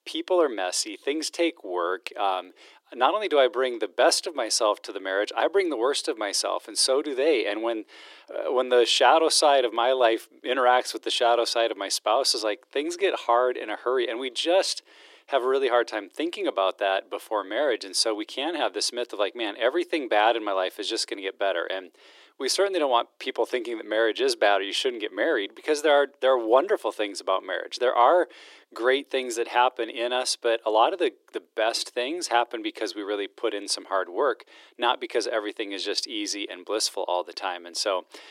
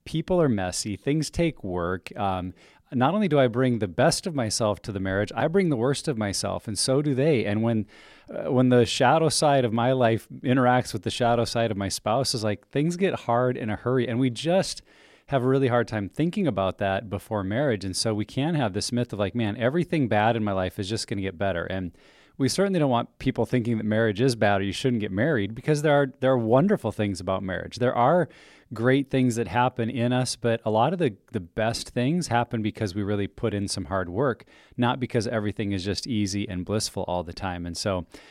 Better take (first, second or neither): second